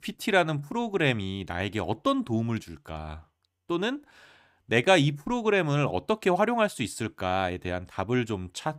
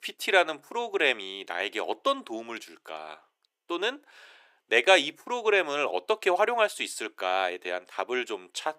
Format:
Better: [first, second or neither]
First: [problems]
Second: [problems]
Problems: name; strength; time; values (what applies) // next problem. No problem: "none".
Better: first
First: none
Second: thin; very; fading below 400 Hz